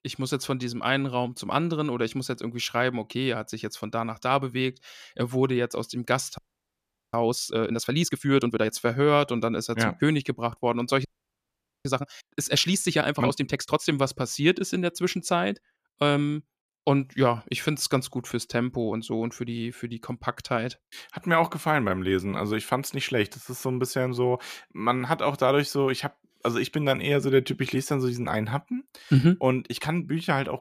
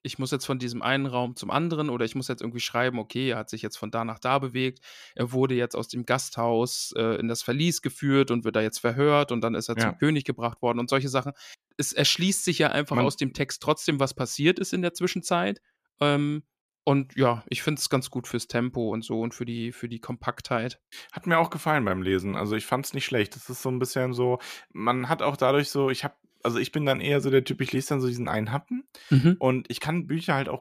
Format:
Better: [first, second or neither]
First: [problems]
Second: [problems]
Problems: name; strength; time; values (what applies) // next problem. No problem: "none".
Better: second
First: audio freezing; at 6.5 s for 1 s and at 11 s for 1 s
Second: none